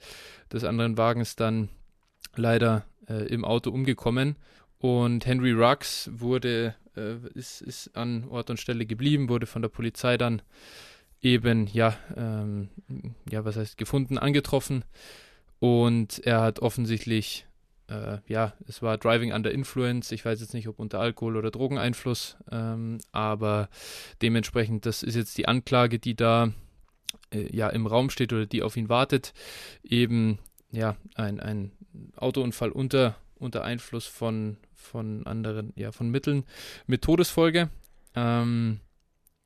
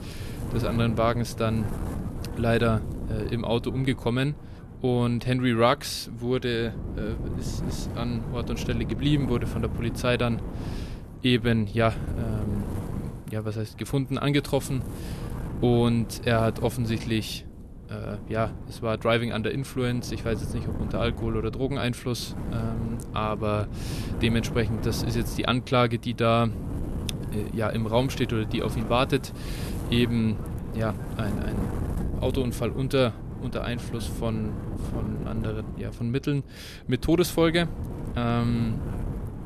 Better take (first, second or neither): first